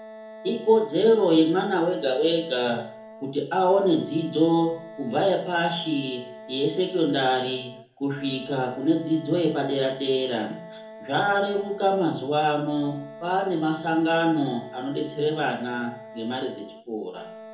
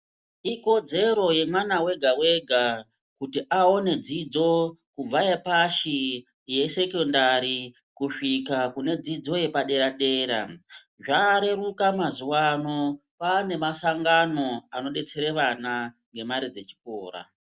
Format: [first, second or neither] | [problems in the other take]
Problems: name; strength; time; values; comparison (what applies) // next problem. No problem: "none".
second | background sound (Wind instrument, woodwind instrument); 17 dB below the speech // room echo; dies away in 0.6 s